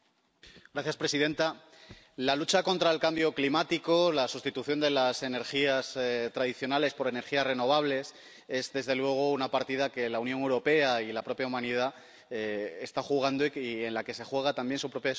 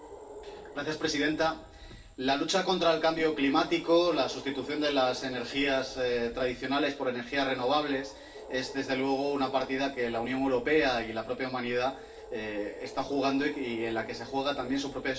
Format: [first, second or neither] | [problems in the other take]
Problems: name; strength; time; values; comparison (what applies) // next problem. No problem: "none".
first | background sound (Animal); 17 dB below the speech // room echo; dies away in 0.3 s